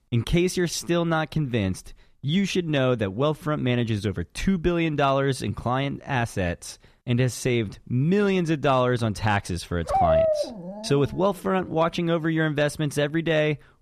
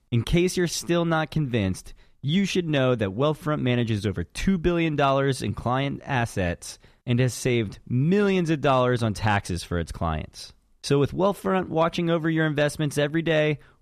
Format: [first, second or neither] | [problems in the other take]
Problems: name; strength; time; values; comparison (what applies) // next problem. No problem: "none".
second | dog barking; loud; from 10 to 11 s; peak 4 dB above the speech